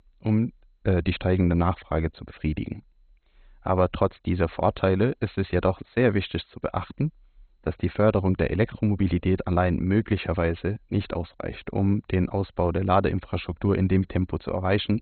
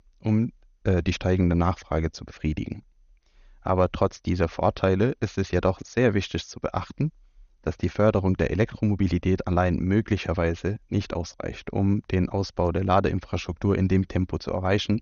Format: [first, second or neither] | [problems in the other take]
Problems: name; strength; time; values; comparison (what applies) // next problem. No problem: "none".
second | garbled, watery; badly; nothing above 4 kHz; slightly in the second